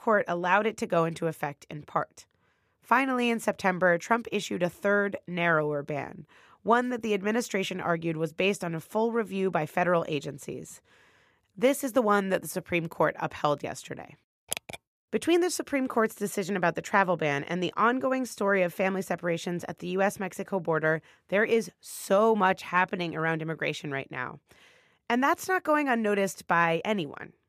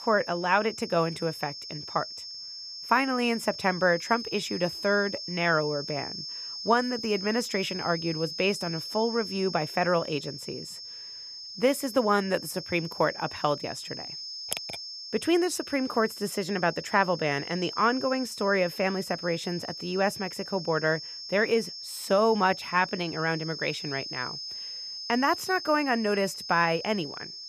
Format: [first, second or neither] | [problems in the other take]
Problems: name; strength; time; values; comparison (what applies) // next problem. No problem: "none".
first | high-pitched whine; loud; throughout; 5.5 kHz, 9 dB below the speech